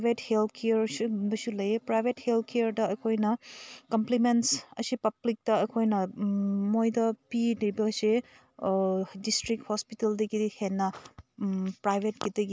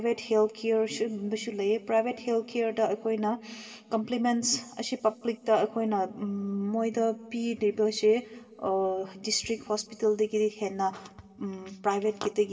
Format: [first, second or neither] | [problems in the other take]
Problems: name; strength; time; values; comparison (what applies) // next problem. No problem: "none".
first | room echo; dies away in 1.4 s